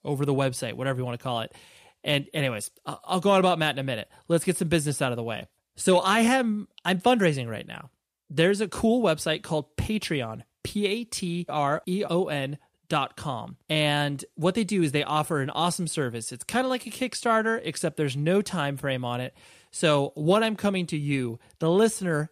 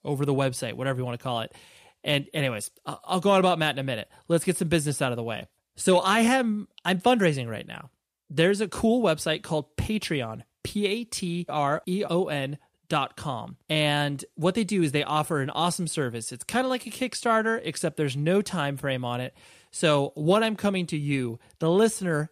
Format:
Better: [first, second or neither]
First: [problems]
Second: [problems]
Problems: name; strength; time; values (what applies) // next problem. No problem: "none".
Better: neither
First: none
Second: none